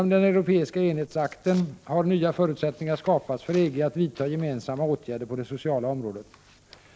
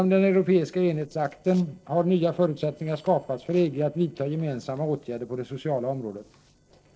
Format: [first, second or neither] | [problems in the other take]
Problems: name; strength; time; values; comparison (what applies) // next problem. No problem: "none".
first | noise reduction (neural separator model SepFormer DNS4)